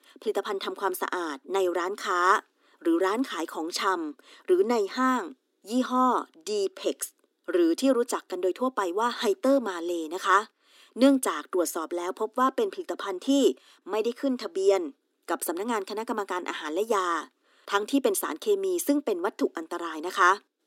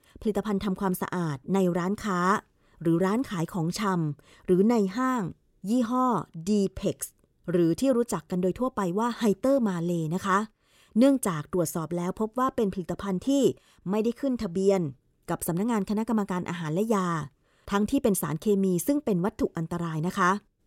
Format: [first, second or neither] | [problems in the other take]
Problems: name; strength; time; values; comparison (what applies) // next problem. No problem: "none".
second | thin; very slightly; fading below 250 Hz